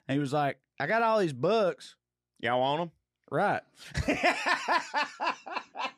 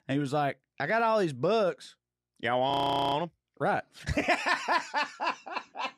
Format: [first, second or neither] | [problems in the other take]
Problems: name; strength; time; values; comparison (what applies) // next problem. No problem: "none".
first | audio freezing; at 2.5 s